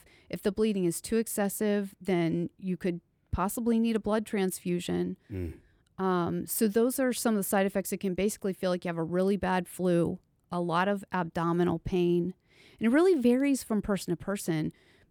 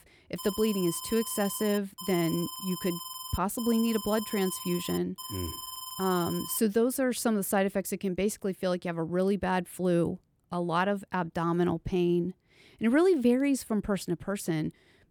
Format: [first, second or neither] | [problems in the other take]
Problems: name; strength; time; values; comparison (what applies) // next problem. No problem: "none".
first | alarm; noticeable; until 6.5 s; peak 8 dB below the speech